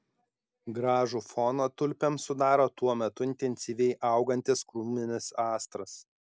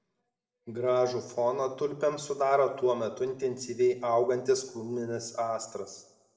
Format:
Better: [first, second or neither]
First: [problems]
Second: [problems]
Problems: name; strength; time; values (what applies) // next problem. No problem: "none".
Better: first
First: none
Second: room echo; dies away in 0.8 s